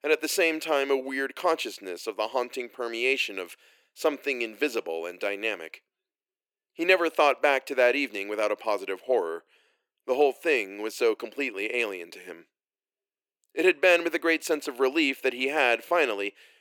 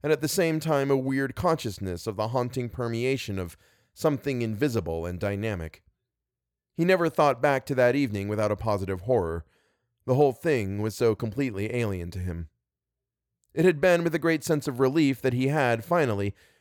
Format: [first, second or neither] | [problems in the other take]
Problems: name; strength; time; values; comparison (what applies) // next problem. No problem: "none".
second | thin; somewhat; fading below 300 Hz